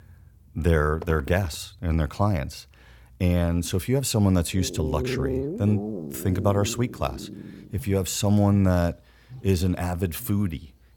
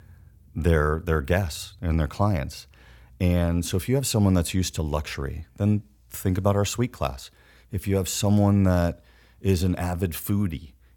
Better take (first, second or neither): second